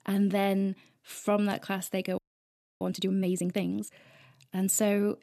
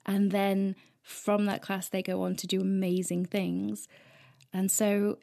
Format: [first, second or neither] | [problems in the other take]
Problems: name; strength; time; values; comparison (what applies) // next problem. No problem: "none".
second | audio freezing; at 2 s for 0.5 s